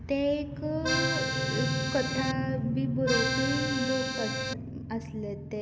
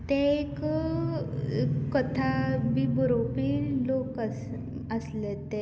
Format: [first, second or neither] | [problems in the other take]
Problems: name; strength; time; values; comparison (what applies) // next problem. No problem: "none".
second | background sound (Accordion); 1 dB below the speech